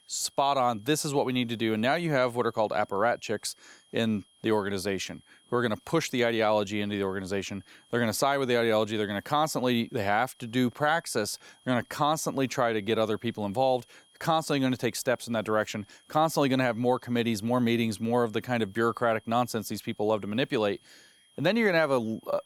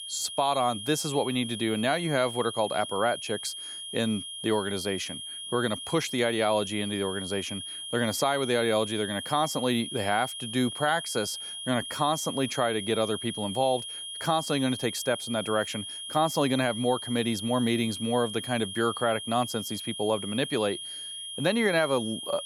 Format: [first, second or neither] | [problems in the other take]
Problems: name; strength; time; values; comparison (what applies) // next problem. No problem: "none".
first | high-pitched whine; loud; throughout; 3 kHz, 7 dB below the speech; faint in the first